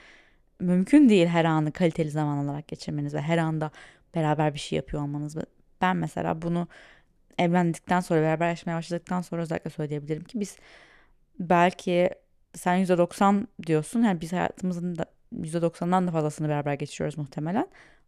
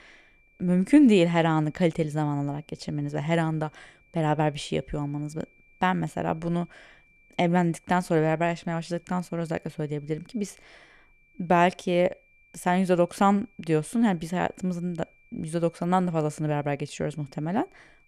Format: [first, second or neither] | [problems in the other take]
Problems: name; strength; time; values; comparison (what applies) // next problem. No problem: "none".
first | high-pitched whine; faint; throughout; 2.5 kHz, 35 dB below the speech